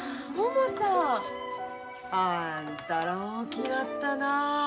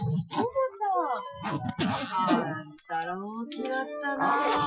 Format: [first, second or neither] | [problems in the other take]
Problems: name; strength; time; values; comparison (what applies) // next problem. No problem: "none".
first | noise reduction (classical method Wiener filter)